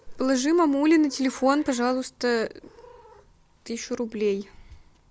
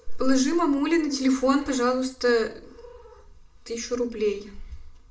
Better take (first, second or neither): first